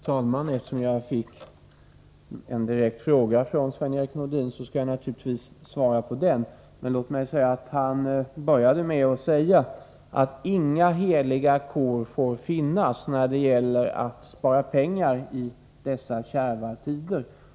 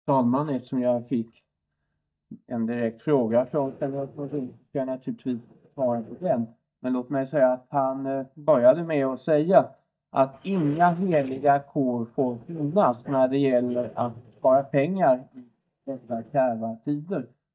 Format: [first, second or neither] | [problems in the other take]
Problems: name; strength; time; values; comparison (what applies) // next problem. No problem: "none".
first | noise reduction (neural mask model DeepFilterNet 3)